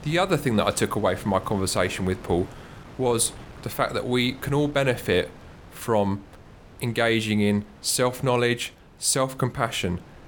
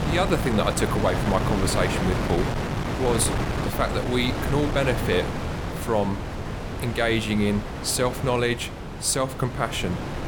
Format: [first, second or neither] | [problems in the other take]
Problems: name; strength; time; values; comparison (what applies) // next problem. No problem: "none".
first | wind noise on the microphone; heavy; 5 dB below the speech; occasional gusts in the first